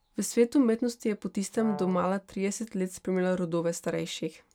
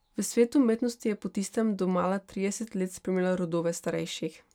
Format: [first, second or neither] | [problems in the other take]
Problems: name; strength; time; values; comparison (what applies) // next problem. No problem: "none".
second | background sound (Brass instrument); 15 dB below the speech